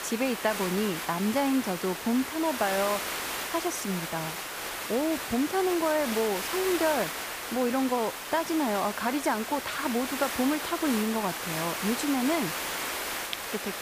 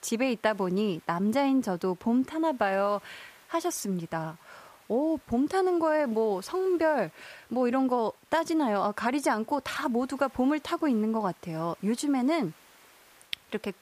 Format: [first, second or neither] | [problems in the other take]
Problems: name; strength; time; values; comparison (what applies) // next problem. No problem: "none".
second | hiss; loud; throughout; 4 dB below the speech; faint in the second